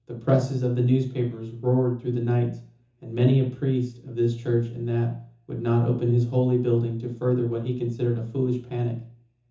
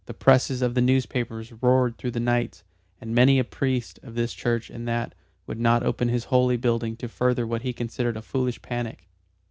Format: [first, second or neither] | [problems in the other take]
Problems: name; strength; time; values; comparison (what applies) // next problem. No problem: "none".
second | room echo; dies away in 0.6 s